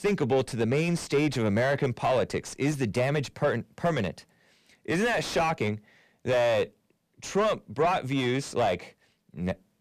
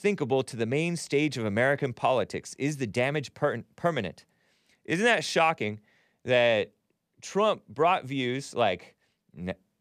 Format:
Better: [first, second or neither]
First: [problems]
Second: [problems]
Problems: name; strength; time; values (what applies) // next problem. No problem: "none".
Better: second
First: distortion; heavy; 6 dB below the speech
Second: none